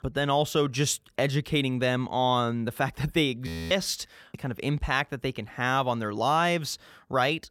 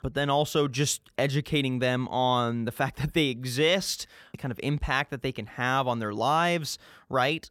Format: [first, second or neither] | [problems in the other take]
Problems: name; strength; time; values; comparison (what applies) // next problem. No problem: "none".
second | audio freezing; at 3.5 s